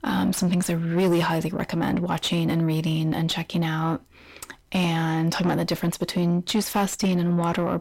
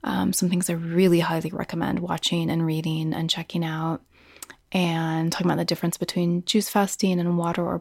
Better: second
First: distortion; slight; 10 dB below the speech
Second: none

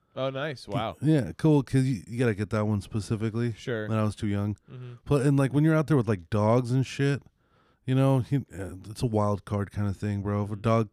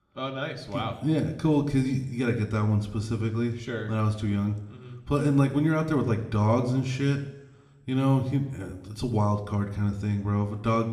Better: first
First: none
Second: room echo; slight; dies away in 1.1 s

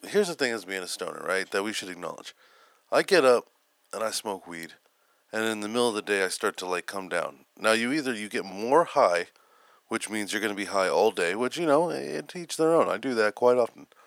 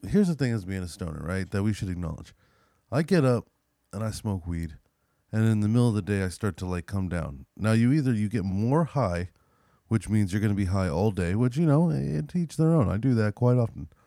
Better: second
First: thin; very; fading below 450 Hz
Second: none

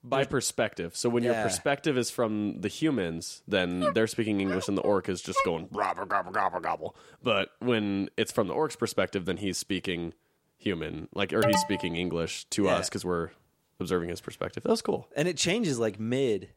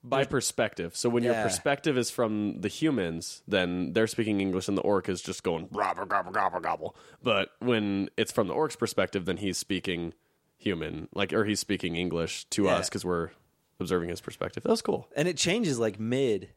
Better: second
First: dog barking; noticeable; from 4 to 5.5 s; peak 1 dB below the speech // alarm; loud; at 11 s; peak 2 dB above the speech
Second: none

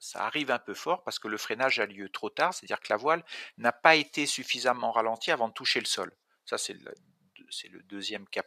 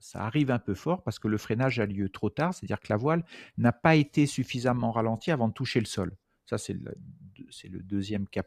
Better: second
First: thin; very; fading below 650 Hz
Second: none

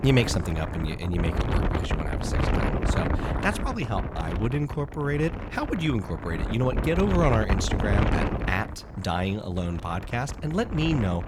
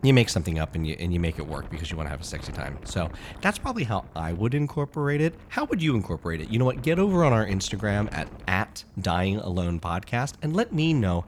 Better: second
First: wind noise on the microphone; heavy; 3 dB below the speech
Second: wind noise on the microphone; occasional gusts; 20 dB below the speech

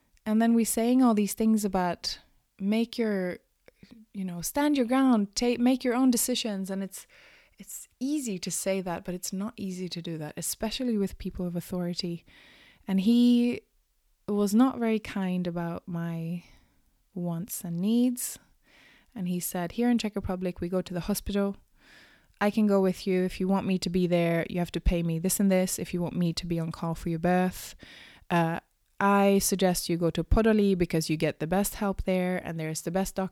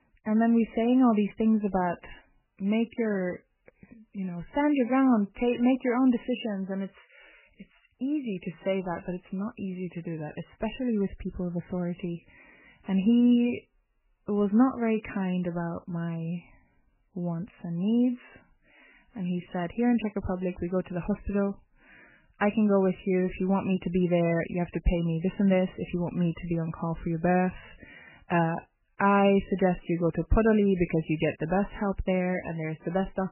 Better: first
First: none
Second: garbled, watery; badly; nothing above 3 kHz

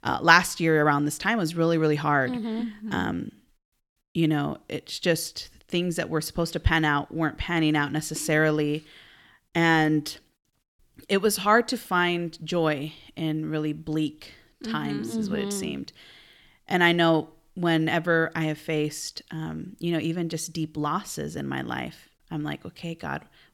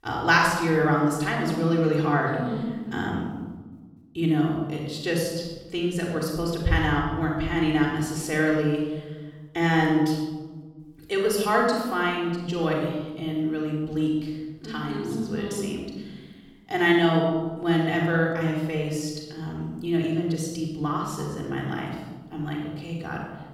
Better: first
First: none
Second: off-mic speech; far // room echo; noticeable; dies away in 1.2 s

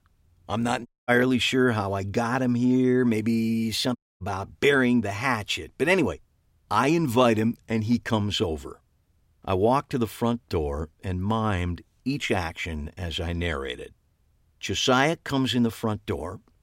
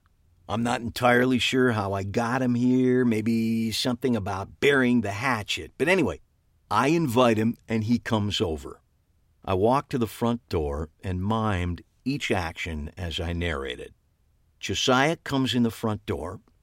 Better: second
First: audio cutting out; at 1 s and at 4 s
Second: none

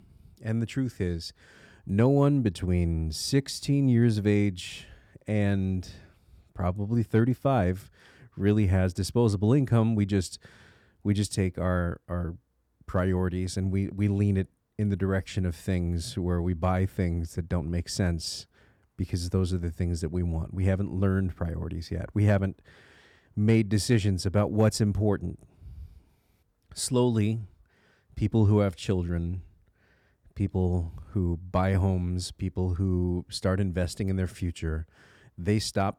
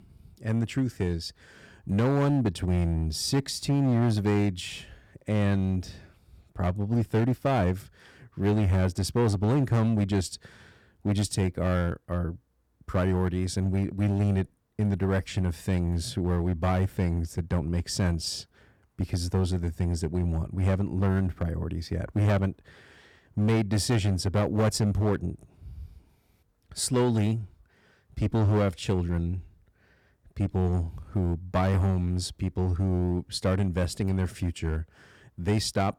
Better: first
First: none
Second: distortion; slight; 8% of the sound clipped

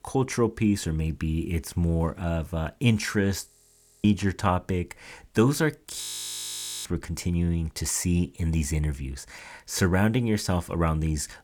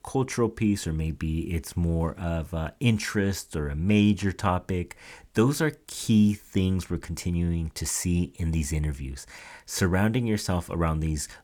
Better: second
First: audio freezing; at 3.5 s for 0.5 s and at 6 s for 1 s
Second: none

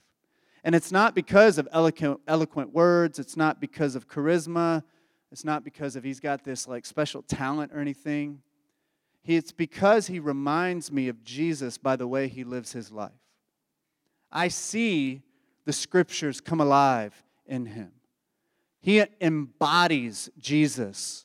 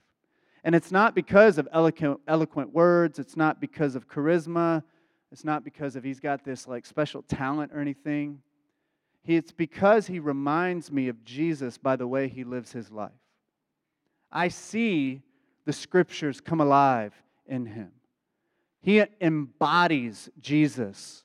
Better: first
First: none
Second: muffled; slightly; fading above 4 kHz

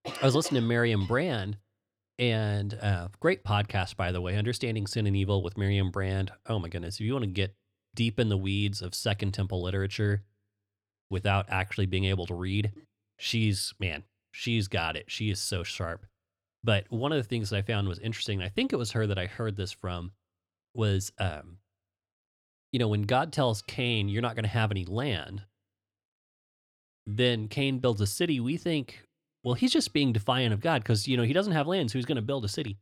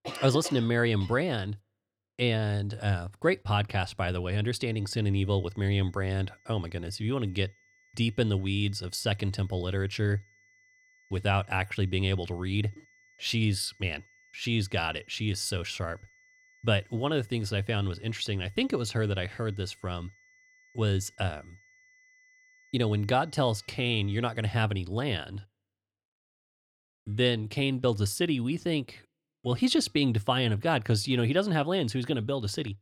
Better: first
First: none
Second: high-pitched whine; faint; from 4.5 to 25 s; 2 kHz, 30 dB below the speech

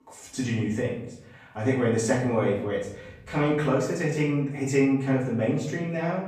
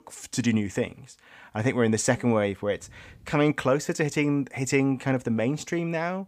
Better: second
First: room echo; noticeable; dies away in 0.8 s // off-mic speech; far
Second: none

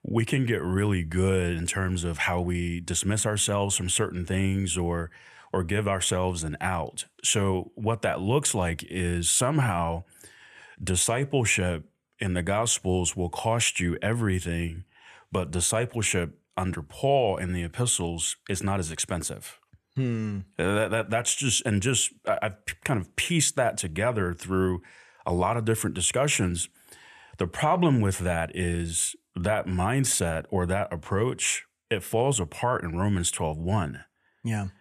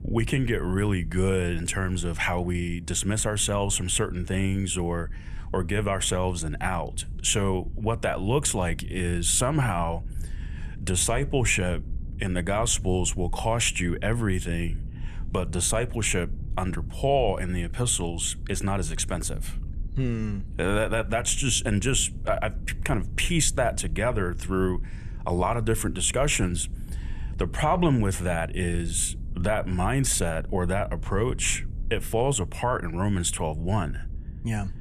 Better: first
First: none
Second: low rumble; faint; throughout; 25 dB below the speech

